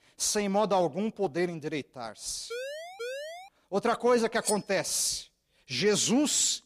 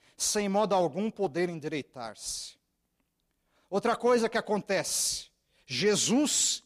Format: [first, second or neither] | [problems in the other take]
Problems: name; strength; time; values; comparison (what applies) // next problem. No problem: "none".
second | siren; noticeable; at 2.5 s; peak 9 dB below the speech // clattering dishes; noticeable; at 4.5 s; peak 5 dB below the speech